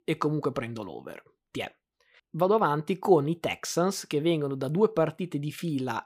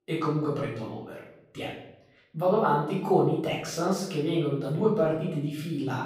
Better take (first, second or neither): first